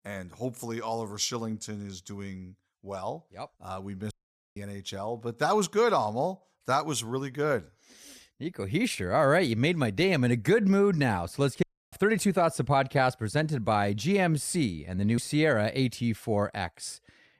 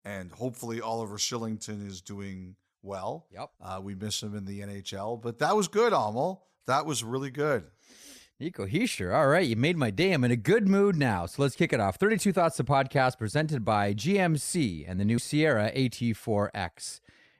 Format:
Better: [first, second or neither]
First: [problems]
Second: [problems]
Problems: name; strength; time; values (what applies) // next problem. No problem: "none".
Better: second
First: audio cutting out; at 4 s and at 12 s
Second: none